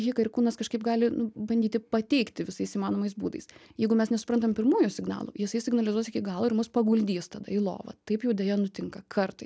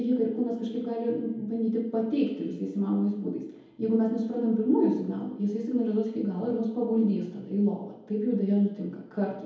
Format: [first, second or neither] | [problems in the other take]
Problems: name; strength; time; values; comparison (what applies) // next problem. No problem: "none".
first | room echo; dies away in 2 s